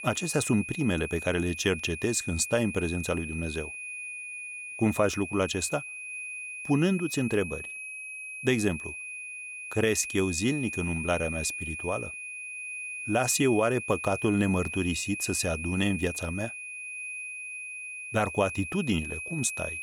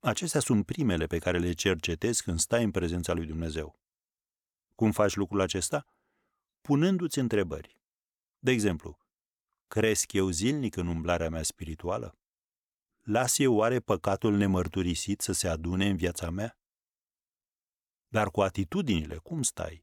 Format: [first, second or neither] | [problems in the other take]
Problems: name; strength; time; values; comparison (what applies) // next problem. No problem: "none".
second | high-pitched whine; loud; throughout; 2.5 kHz, 7 dB below the speech